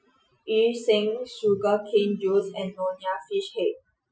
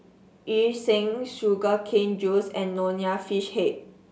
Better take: second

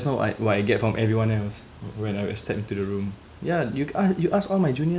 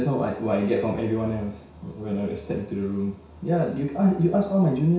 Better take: first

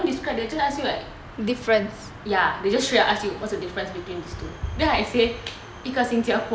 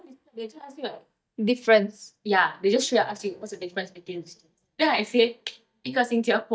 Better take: first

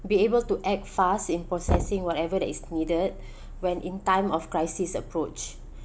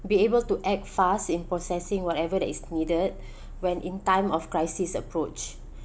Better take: second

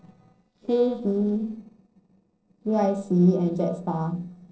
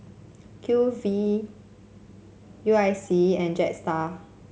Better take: second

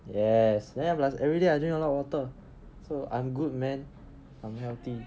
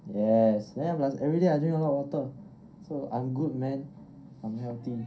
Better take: first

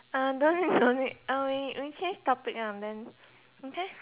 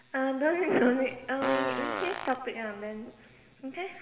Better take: first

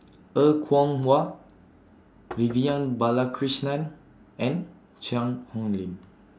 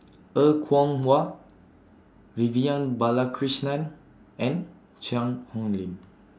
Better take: second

